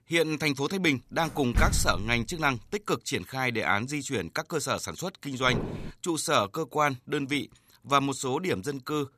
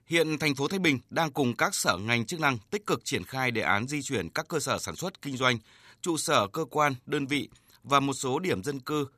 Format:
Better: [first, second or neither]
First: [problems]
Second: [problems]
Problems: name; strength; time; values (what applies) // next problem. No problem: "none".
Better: second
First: door banging; noticeable; at 1.5 s; peak 1 dB below the speech // footsteps; noticeable; at 5.5 s; peak 6 dB below the speech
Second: none